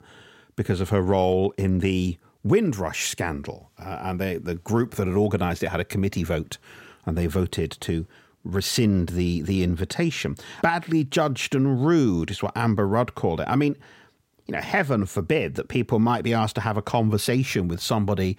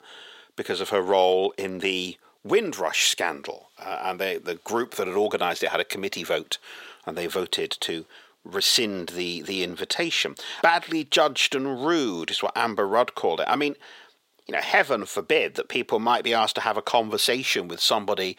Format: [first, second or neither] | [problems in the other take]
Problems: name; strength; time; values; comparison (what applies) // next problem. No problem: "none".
first | thin; very; fading below 500 Hz